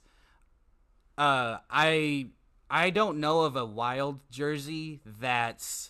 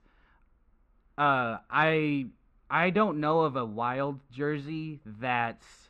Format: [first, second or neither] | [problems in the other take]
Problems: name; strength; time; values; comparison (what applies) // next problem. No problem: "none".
first | muffled; very; fading above 2 kHz